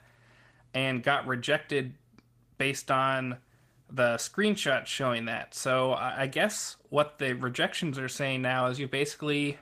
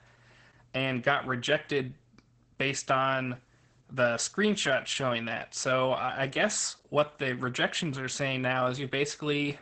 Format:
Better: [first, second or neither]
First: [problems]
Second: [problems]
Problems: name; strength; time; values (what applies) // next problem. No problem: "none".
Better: first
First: garbled, watery; slightly; nothing above 15 kHz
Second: garbled, watery; badly; nothing above 8 kHz